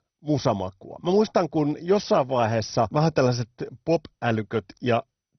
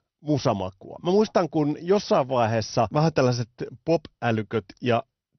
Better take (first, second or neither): second